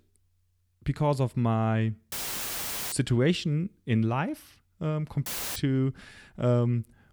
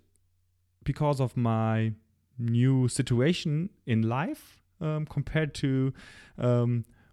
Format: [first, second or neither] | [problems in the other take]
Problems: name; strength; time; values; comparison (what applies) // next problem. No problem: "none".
second | audio cutting out; filled with static; at 2 s for 1 s and at 5.5 s